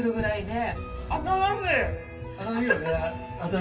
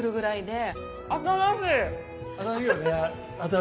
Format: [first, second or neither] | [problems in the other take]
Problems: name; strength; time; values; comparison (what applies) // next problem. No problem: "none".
second | background sound (Wind); 11 dB below the speech // room echo; dies away in 0.1 s